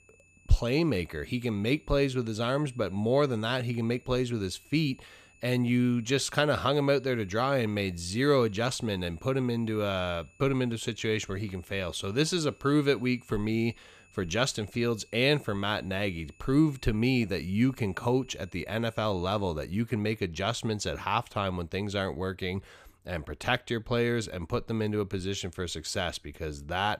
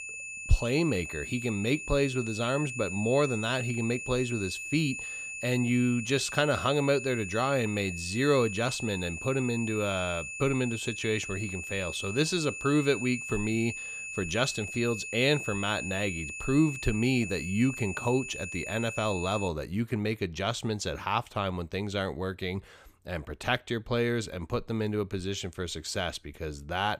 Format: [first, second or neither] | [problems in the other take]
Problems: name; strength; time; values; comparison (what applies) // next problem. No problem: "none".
first | high-pitched whine; loud; until 19 s; 2.5 kHz, 7 dB below the speech; faint in the first